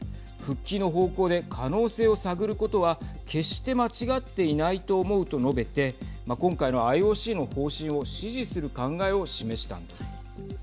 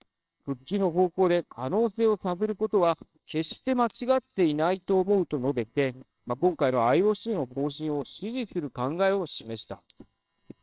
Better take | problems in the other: first | noise reduction (neural separator model SepFormer WHAMR!)

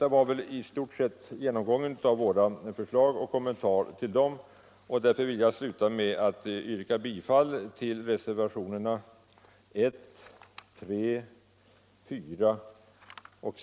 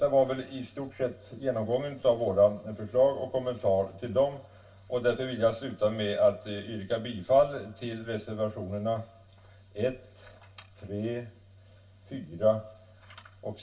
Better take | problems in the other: first | room echo; dies away in 0.2 s

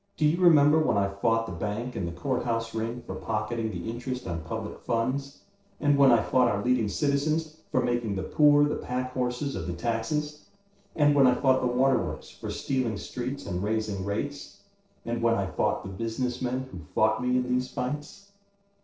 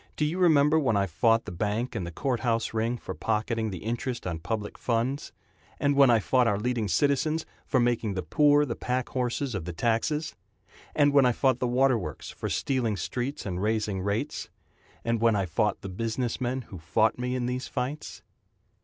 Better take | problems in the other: second | noise reduction (neural separator model SepFormer DNS4)

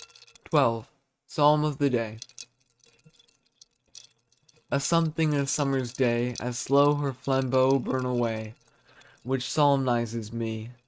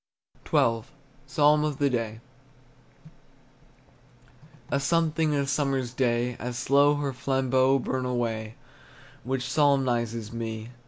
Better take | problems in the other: second | noise reduction (neural mask model RNNoise)

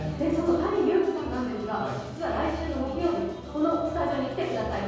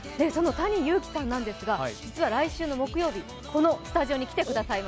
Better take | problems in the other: second | room echo; dies away in 1.3 s

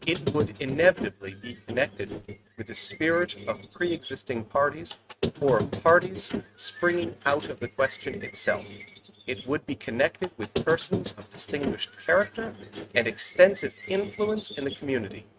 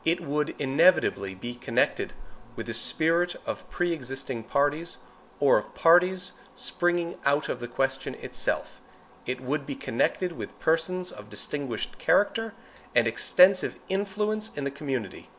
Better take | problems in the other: second | noise reduction (neural mask model RNNoise)

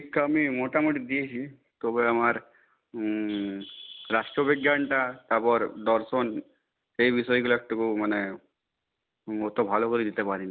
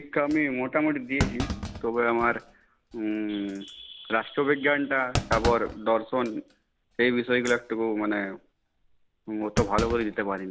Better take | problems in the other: first | background sound (Thump, thud); 9 dB below the speech

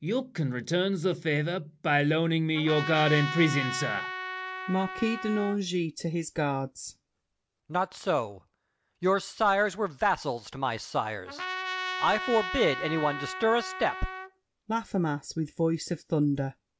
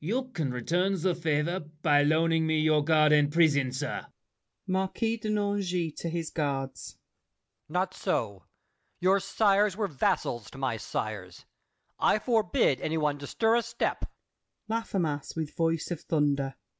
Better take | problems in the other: second | background sound (Trumpet); 7 dB below the speech

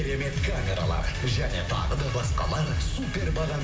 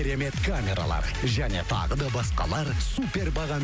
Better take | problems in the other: second | room echo; dies away in 2.4 s

